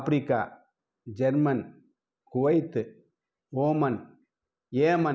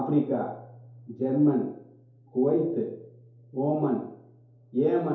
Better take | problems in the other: first | room echo; dies away in 2.4 s

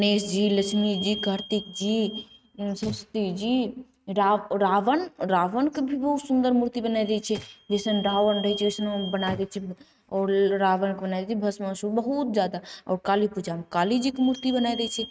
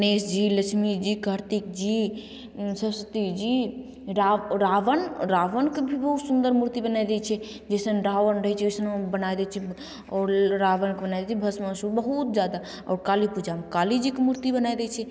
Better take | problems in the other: second | noise reduction (neural mask model RNNoise)

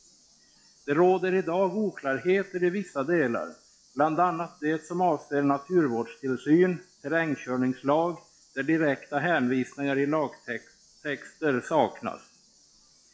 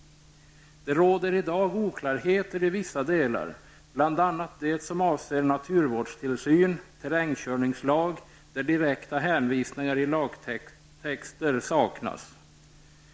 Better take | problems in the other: second | noise reduction (classical method log-MMSE)

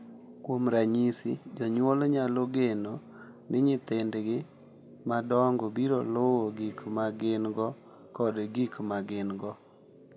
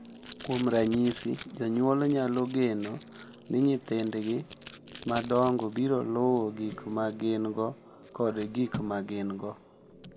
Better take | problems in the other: first | background sound (Packing tape, duct tape); 18 dB below the speech

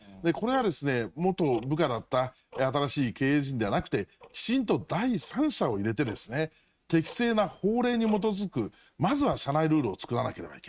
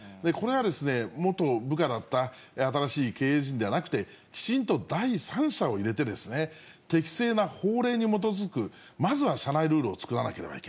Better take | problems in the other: second | noise reduction (neural mask model RNNoise)

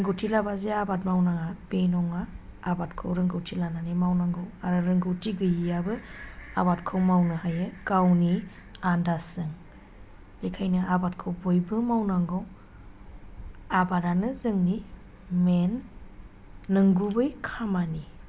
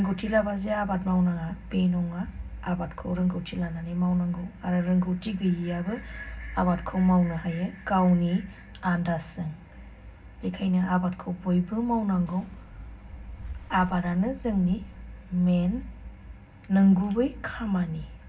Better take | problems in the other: first | background sound (Fireworks); 20 dB below the speech // room echo; dies away in 0.4 s

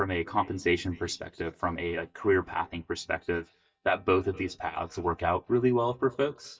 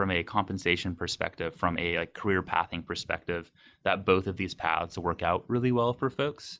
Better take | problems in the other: second | noise reduction (neural mask model DeepFilterNet 3)

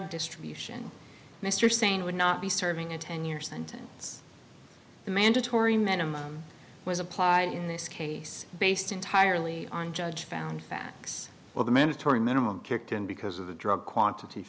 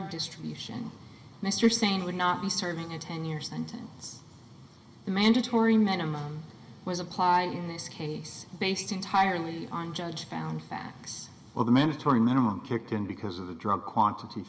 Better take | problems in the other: first | room echo; dies away in 2.4 s

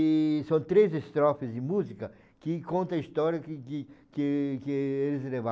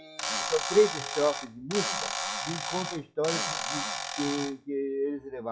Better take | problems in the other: first | noise reduction (classical method WPE with log-MMSE)

